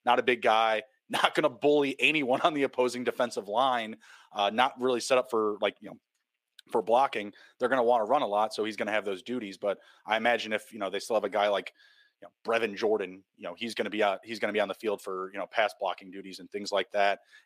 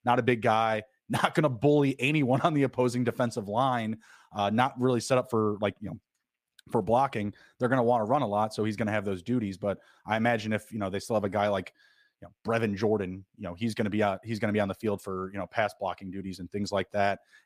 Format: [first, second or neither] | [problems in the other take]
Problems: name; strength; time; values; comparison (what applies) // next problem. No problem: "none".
second | thin; somewhat; fading below 400 Hz